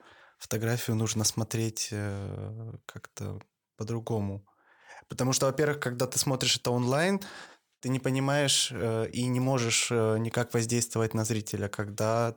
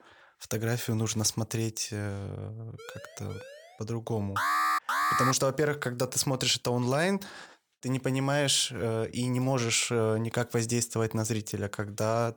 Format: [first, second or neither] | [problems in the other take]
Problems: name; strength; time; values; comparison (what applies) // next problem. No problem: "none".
first | siren; faint; from 3 to 4 s; peak 20 dB below the speech // alarm; loud; at 4.5 s; peak 3 dB above the speech